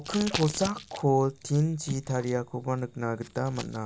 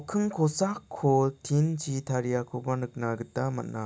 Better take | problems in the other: second | background sound (Packing tape, duct tape); 13 dB below the speech

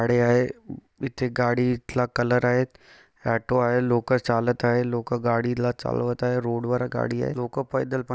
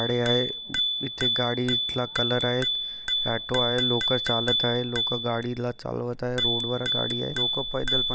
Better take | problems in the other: first | background sound (Bicycle bell); as loud as the speech

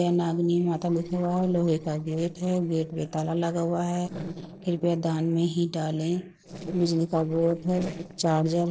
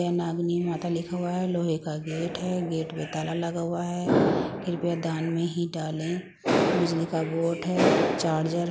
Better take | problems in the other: second | noise reduction (neural separator model SepFormer DNS4)

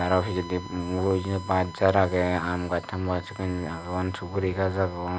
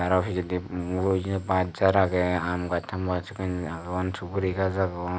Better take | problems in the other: second | background sound (Bowed string instrument); 18 dB below the speech

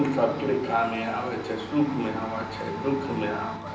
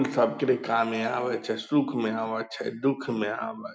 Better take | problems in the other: second | background sound (Domestic sounds, home sounds); 10 dB below the speech // room echo; dies away in 0.6 s

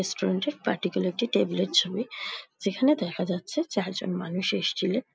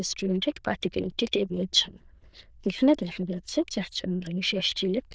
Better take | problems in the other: first | noise reduction (neural diffusion model UNIVERSE++)

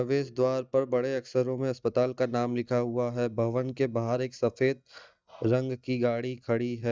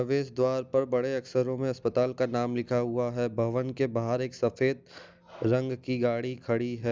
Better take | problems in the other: second | noise reduction (neural mask model DeepFilterNet 3)

